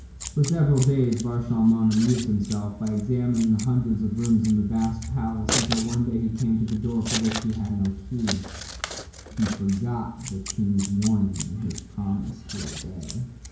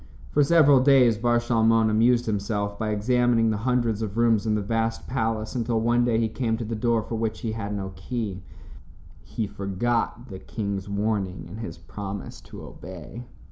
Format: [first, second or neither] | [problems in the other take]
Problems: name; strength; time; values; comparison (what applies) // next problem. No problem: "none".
second | background sound (Scissors); 12 dB below the speech // room echo; dies away in 0.6 s